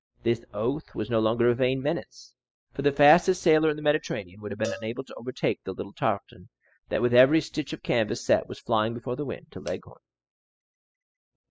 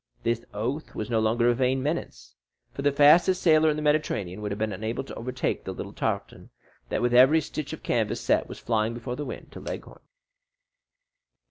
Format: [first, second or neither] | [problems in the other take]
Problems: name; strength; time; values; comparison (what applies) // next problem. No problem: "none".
second | noise reduction (classical method spectral subtraction)